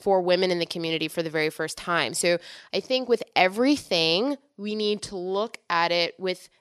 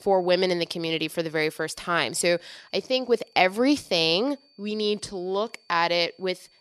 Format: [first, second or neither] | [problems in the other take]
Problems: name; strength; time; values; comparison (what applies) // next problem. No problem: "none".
first | high-pitched whine; faint; throughout; 4.5 kHz, 30 dB below the speech